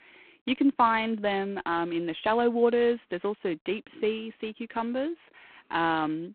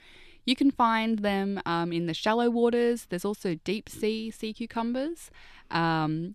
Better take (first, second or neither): second